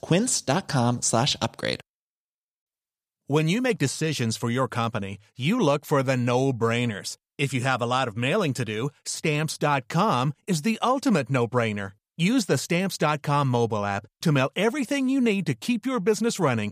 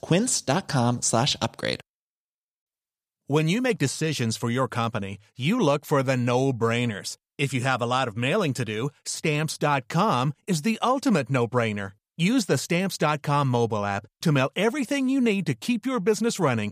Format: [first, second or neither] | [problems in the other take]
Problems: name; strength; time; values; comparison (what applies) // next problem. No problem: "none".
neither | none